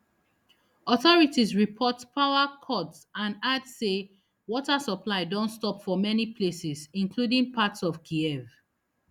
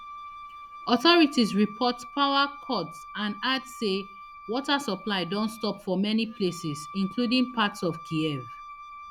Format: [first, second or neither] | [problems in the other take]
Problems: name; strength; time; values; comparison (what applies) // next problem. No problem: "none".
first | background sound (Wind instrument, woodwind instrument); 16 dB below the speech